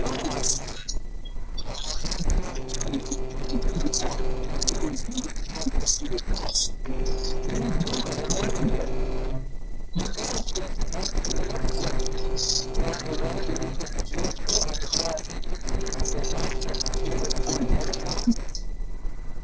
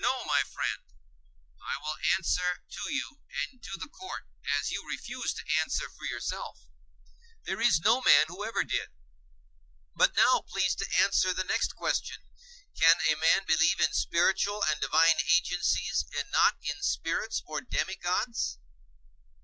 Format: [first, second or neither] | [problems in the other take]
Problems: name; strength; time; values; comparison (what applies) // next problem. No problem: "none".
second | noise reduction (neural separator model SepFormer DNS4)